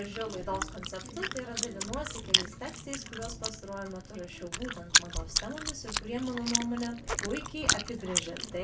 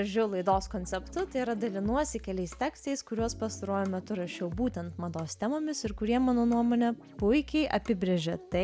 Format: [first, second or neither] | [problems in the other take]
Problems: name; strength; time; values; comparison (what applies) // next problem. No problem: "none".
second | background sound (Chewing, mastication); 4 dB above the speech // room echo; dies away in 0.2 s